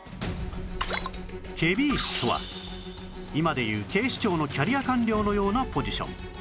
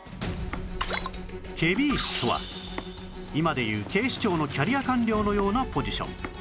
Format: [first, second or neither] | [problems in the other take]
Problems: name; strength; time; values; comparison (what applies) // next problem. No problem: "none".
first | background sound (Domestic sounds, home sounds); 19 dB below the speech